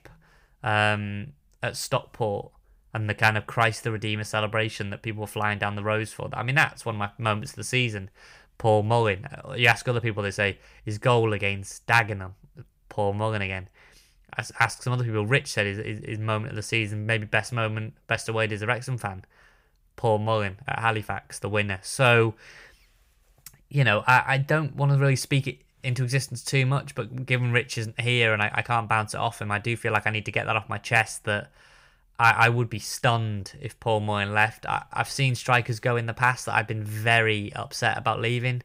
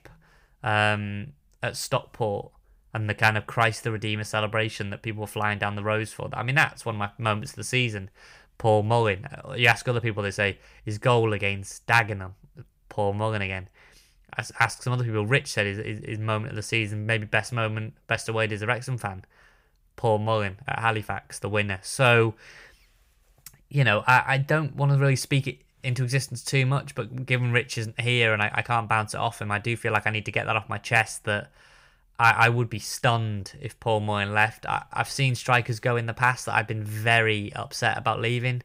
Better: neither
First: none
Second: none

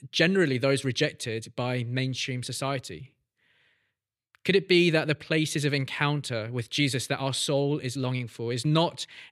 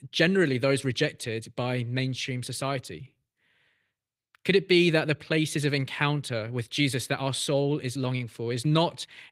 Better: first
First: none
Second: garbled, watery; slightly; nothing above 15.5 kHz

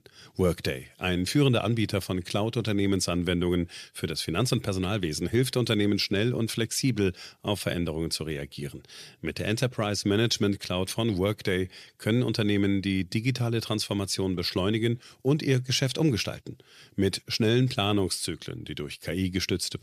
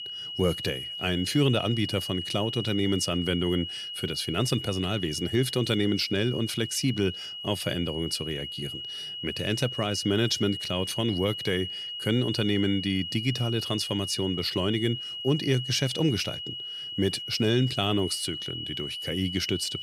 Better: first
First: none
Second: high-pitched whine; loud; throughout; 3 kHz, 6 dB below the speech

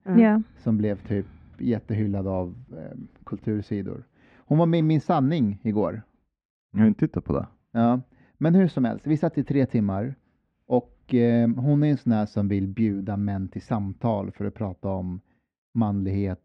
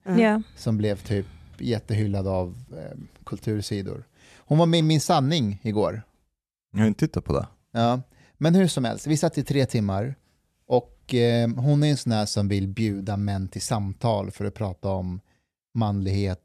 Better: second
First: muffled; very; fading above 2 kHz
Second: none

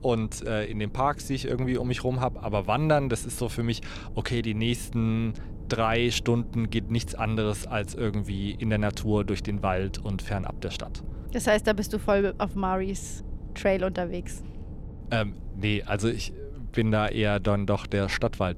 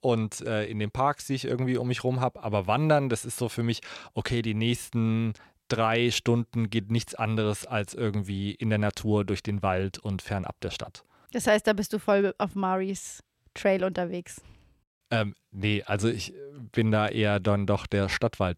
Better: second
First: low rumble; faint; throughout; 20 dB below the speech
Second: none

